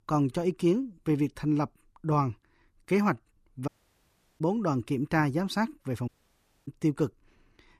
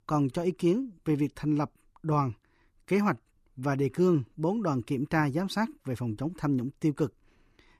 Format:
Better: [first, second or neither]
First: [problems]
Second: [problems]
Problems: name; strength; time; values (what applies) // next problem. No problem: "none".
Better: second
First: audio cutting out; at 3.5 s for 0.5 s and at 6 s for 0.5 s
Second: none